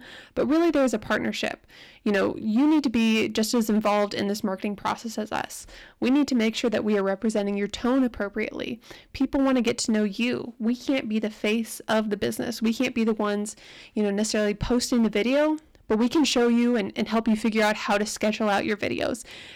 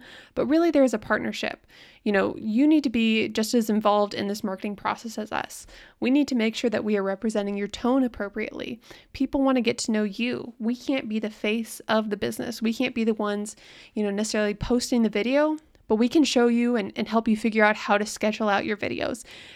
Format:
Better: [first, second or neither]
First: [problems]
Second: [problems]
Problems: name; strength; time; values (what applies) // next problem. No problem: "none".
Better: second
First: distortion; slight; 8% of the sound clipped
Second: none